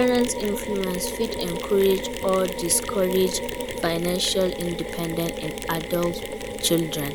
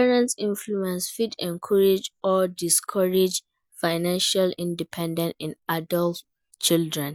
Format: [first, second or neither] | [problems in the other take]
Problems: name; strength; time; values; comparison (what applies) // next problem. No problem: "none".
second | background sound (Mechanisms); 6 dB below the speech